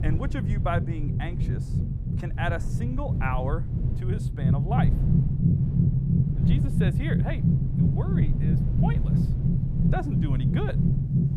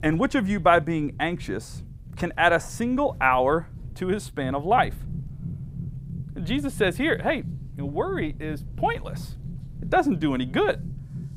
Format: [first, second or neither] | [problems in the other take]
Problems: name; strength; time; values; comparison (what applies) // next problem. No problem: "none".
second | low rumble; loud; throughout; 1 dB below the speech; faint in the second